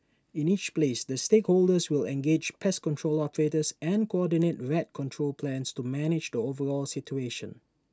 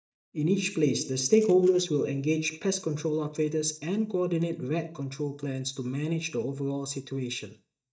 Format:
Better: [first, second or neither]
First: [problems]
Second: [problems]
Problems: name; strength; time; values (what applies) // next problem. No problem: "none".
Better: first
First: none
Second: noise reduction (neural mask model DeepFilterNet 3)